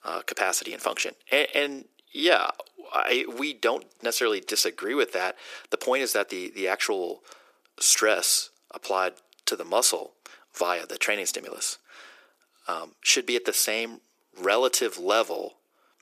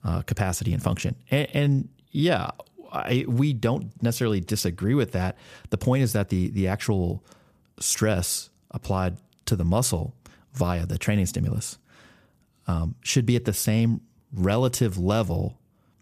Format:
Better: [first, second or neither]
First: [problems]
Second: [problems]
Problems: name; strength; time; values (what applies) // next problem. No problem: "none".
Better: second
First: thin; very; fading below 350 Hz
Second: none